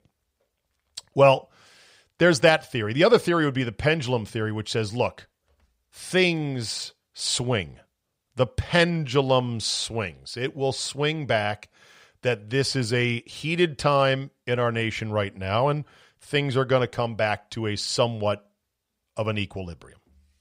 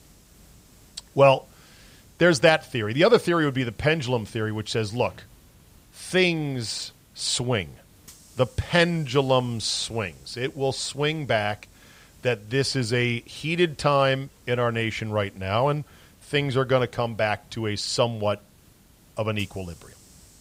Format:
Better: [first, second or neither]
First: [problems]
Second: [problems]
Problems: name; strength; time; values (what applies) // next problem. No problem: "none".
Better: first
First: none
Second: hiss; faint; throughout; 30 dB below the speech